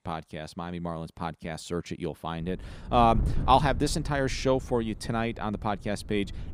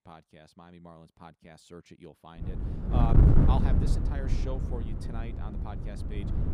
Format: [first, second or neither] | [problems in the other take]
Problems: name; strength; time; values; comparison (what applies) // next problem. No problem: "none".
first | wind noise on the microphone; heavy; from 2.5 s on; 3 dB above the speech; occasional gusts in the first